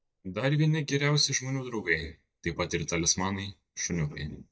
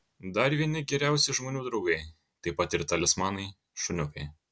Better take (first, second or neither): second